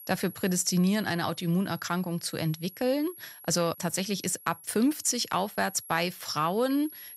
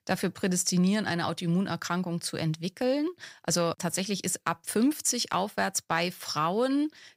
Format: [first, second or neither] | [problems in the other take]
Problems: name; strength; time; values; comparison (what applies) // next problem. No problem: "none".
second | high-pitched whine; noticeable; throughout; 11.5 kHz, 20 dB below the speech